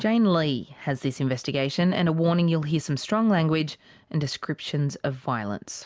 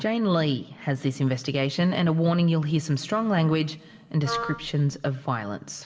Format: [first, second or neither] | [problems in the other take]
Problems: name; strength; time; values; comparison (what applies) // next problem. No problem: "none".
first | background sound (Wind instrument, woodwind instrument); 9 dB below the speech // room echo; dies away in 2 s